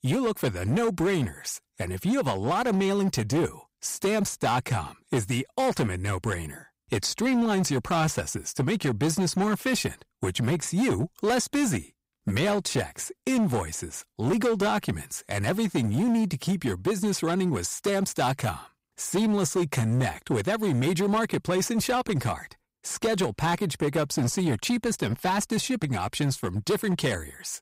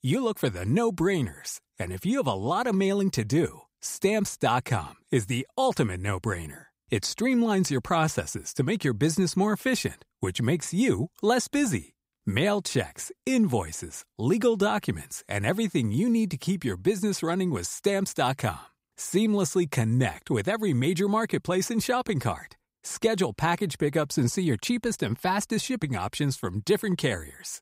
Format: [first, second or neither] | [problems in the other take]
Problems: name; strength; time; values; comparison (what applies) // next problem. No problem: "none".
second | distortion; slight; 12% of the sound clipped